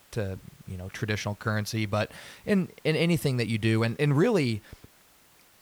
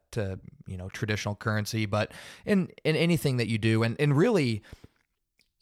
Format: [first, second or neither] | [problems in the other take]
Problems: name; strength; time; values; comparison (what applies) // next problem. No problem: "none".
second | hiss; faint; throughout; 30 dB below the speech